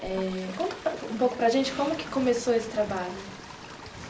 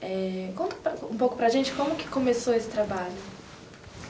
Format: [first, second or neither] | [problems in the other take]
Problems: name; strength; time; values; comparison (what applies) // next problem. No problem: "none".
second | background sound (Toilet flush); 16 dB below the speech